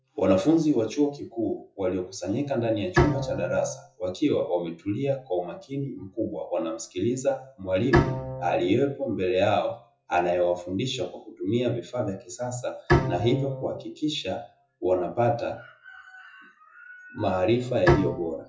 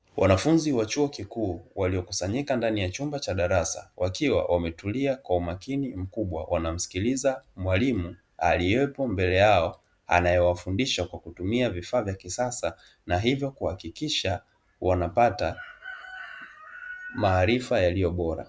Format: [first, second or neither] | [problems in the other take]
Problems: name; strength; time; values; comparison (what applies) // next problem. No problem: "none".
second | noise reduction (classical method WPE with log-MMSE)